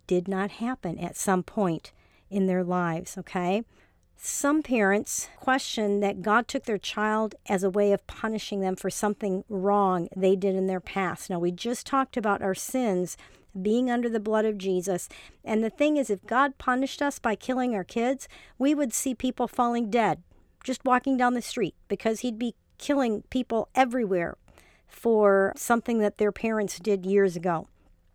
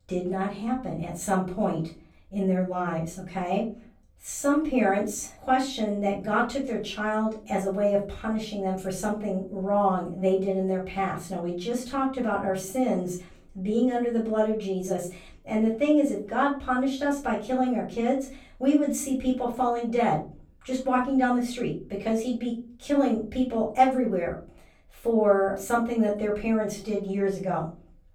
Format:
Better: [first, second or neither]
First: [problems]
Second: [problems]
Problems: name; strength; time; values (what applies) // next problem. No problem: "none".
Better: first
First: none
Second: off-mic speech; far // room echo; slight; dies away in 0.4 s